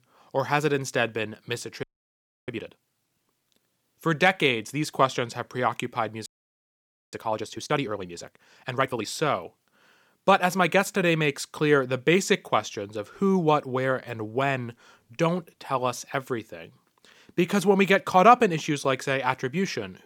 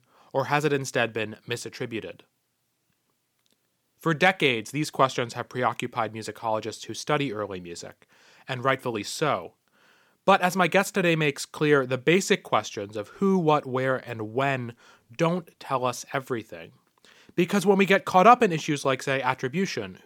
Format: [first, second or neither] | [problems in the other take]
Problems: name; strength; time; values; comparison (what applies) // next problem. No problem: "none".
second | audio freezing; at 2 s for 0.5 s and at 6.5 s for 1 s